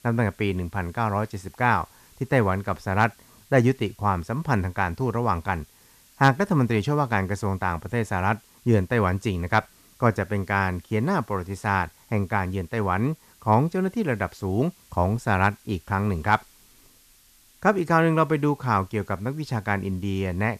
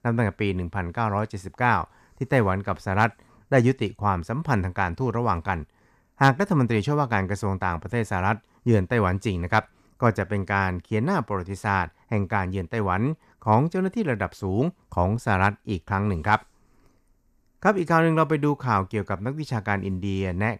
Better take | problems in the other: second | hiss; faint; throughout; 30 dB below the speech

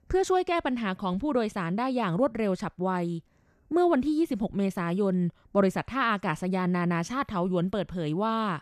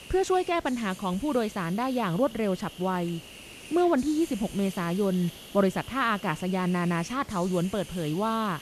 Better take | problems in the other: first | hiss; noticeable; throughout; 15 dB below the speech

